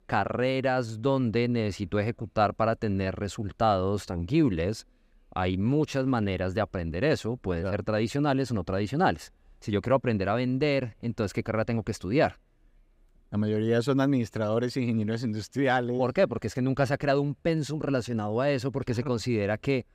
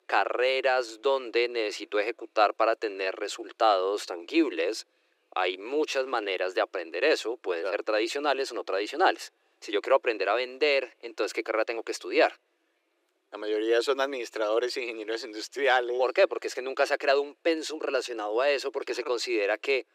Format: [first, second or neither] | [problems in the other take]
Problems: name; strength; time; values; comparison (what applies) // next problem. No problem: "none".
first | thin; very; fading below 350 Hz